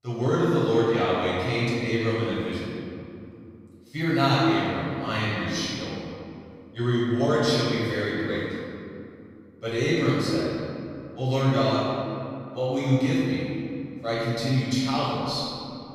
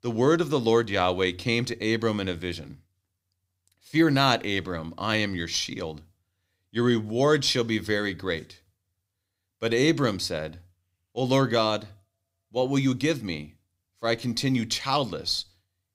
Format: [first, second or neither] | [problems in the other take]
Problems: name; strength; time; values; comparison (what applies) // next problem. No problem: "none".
second | room echo; strong; dies away in 2.4 s // off-mic speech; far